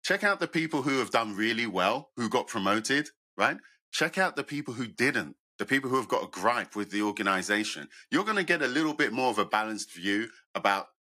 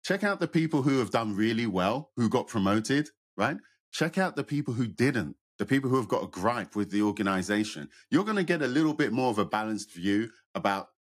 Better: second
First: thin; somewhat; fading below 1 kHz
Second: none

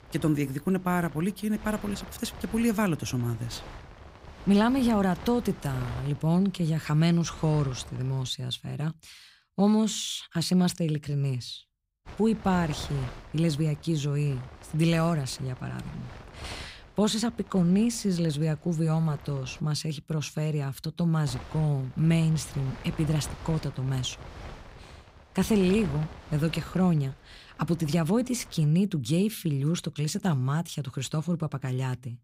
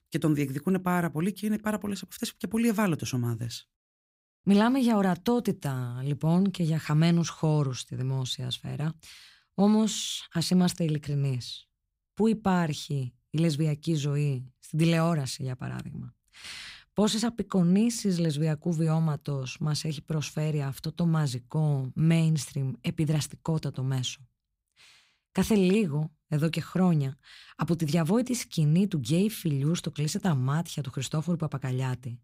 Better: second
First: wind noise on the microphone; occasional gusts; until 8.5 s, from 12 to 20 s and from 21 to 29 s; 15 dB below the speech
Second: none

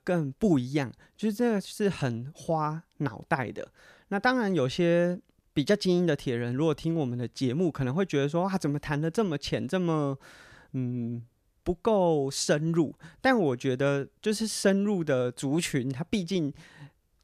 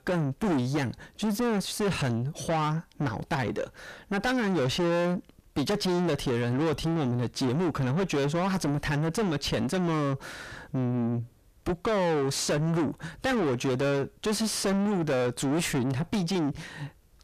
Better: first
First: none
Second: distortion; heavy; 5 dB below the speech

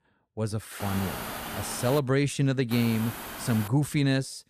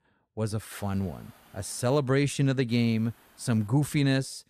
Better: second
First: hiss; loud; from 1 to 2 s and at 2.5 s; 9 dB below the speech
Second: hiss; faint; from 1 to 2 s and at 2.5 s; 30 dB below the speech

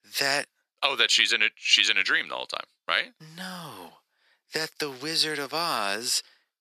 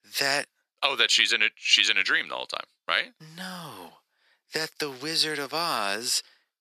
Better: neither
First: thin; very; fading below 700 Hz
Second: thin; very; fading below 700 Hz

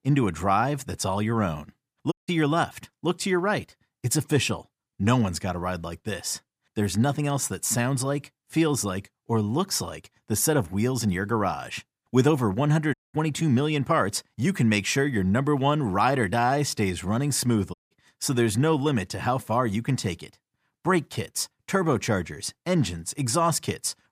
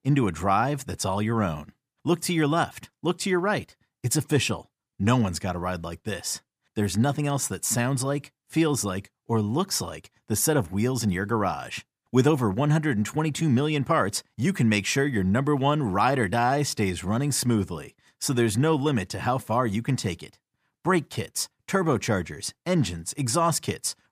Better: second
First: audio cutting out; at 2 s, at 13 s and at 18 s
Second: none

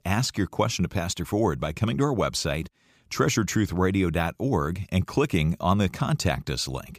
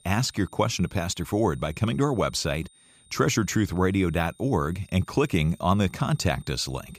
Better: first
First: none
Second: high-pitched whine; faint; throughout; 9 kHz, 30 dB below the speech

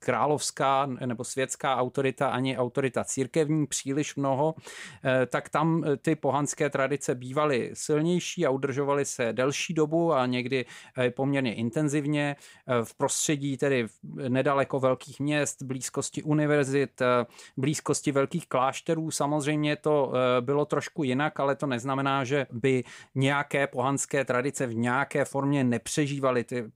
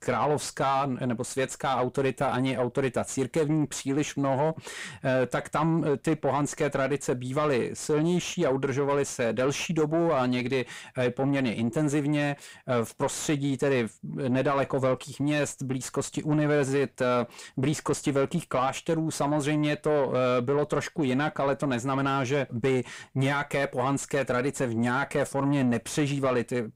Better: first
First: none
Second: distortion; slight; 10 dB below the speech

